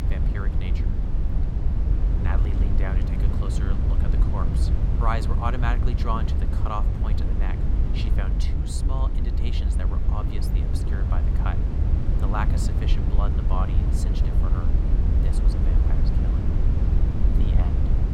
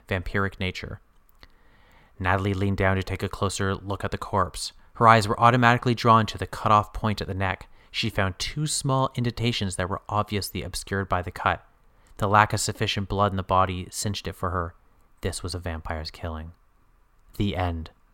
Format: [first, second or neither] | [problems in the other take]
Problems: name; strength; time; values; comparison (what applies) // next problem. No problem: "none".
second | low rumble; loud; throughout; 3 dB below the speech